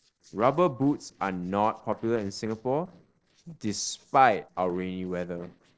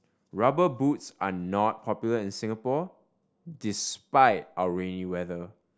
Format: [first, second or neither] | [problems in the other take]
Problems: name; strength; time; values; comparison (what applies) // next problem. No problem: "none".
second | noise reduction (neural separator model SepFormer DNS4)